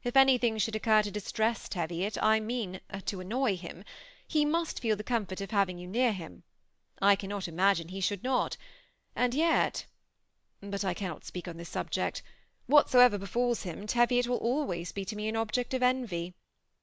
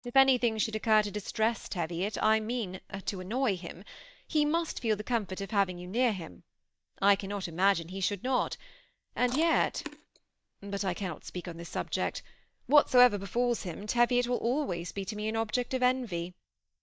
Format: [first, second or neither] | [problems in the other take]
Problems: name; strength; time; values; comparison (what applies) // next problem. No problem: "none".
first | noise reduction (neural mask model DeepFilterNet 3)